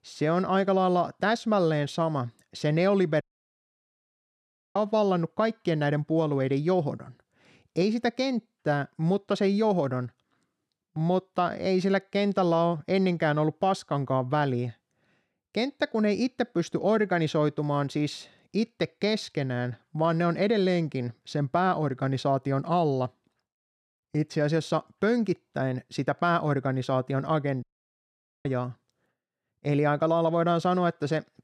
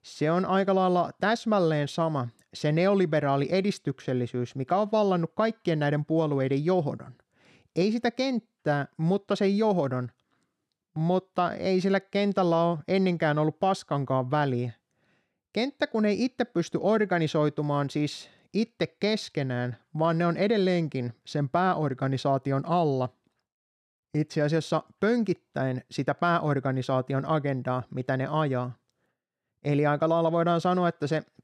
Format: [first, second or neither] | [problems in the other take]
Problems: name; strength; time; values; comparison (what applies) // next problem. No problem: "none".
second | audio cutting out; at 3 s for 1.5 s and at 28 s for 1 s